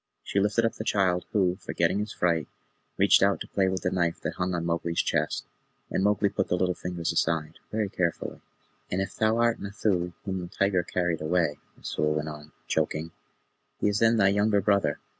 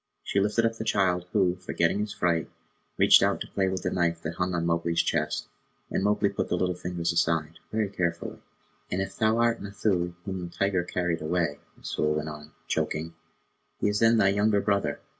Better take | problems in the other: first | room echo; dies away in 0.2 s

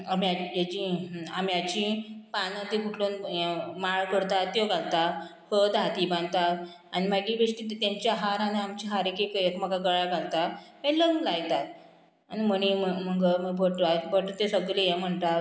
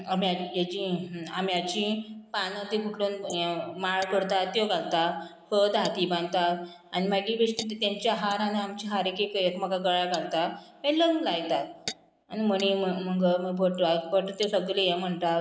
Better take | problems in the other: first | noise reduction (neural mask model Resemble Enhance denoiser)

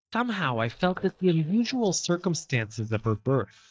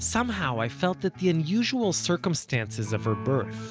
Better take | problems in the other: second | noise reduction (neural mask model DeepFilterNet 3)

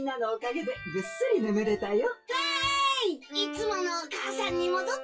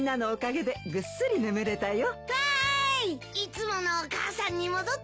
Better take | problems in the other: second | noise reduction (classical method WPE with log-MMSE)

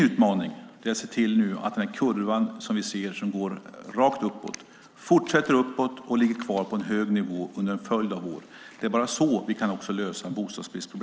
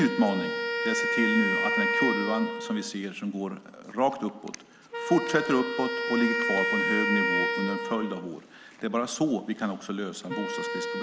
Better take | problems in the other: first | background sound (Wind instrument, woodwind instrument); 1 dB below the speech

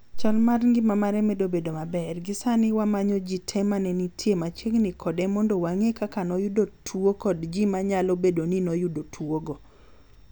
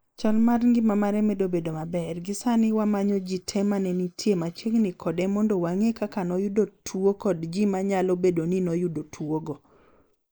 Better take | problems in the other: first | noise reduction (neural mask model Resemble Enhance denoiser)

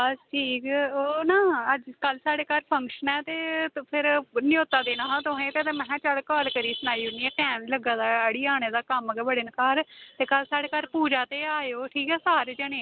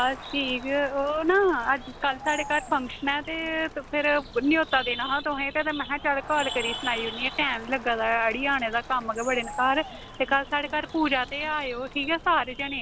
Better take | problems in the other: first | background sound (Bird + Crowd); 15 dB below the speech

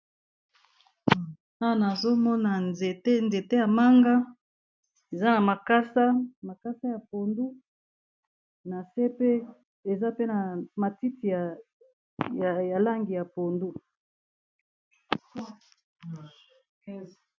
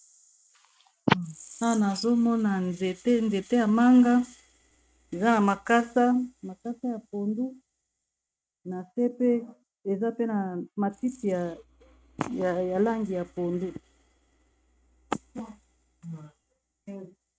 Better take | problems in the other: first | noise reduction (neural mask model RNNoise)

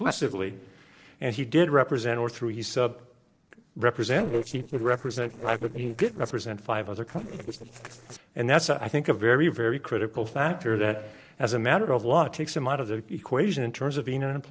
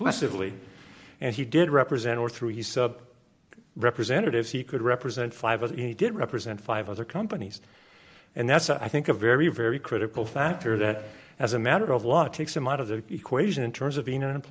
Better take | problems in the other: second | noise reduction (neural separator model SepFormer DNS4)

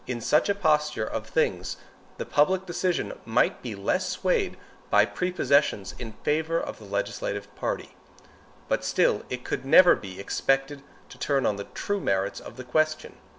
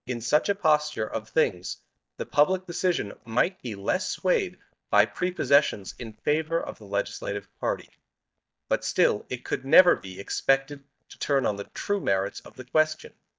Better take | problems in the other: first | noise reduction (neural mask model DeepFilterNet 3)

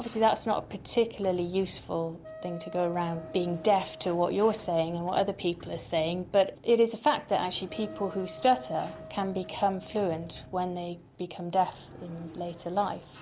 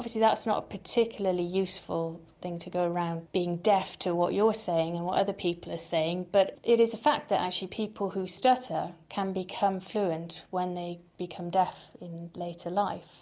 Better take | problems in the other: second | background sound (Wind instrument, woodwind instrument + Sliding door); 17 dB below the speech

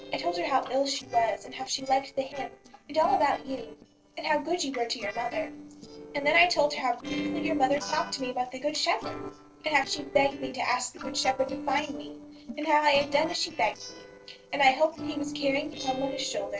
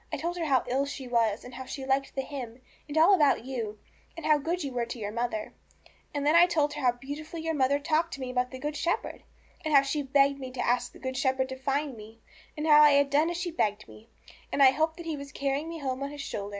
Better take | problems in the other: second | noise reduction (neural separator model SepFormer DNS4)

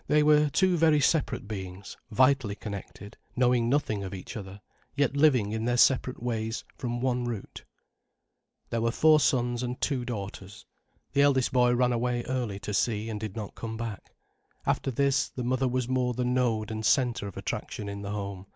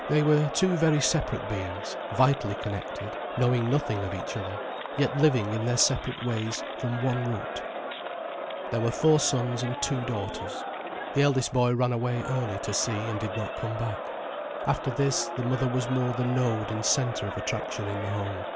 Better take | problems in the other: first | background sound (Crowd); 7 dB below the speech

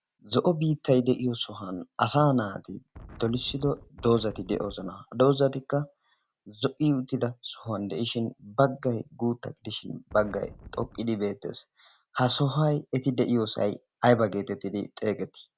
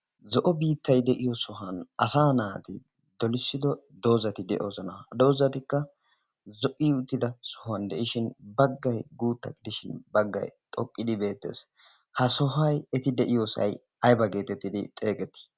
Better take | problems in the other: second | background sound (Wind); 18 dB below the speech

